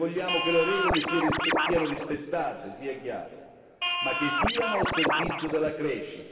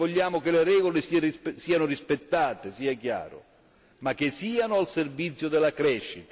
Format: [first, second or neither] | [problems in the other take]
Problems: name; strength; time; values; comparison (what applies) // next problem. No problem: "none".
second | background sound (Scratching (performance technique)); 2 dB above the speech // room echo; dies away in 2.1 s